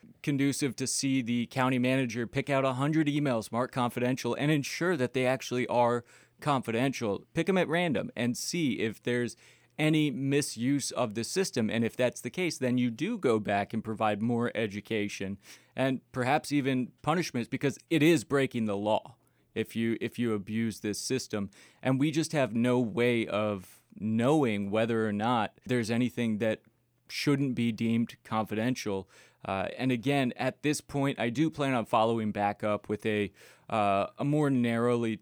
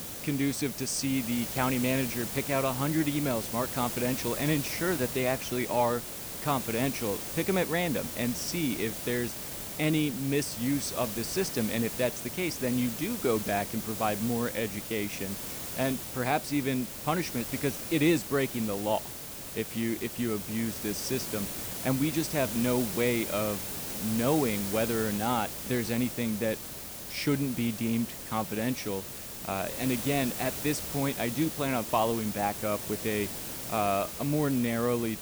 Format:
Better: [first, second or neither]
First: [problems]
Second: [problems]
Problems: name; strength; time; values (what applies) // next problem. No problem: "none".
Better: first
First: none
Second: hiss; loud; throughout; 5 dB below the speech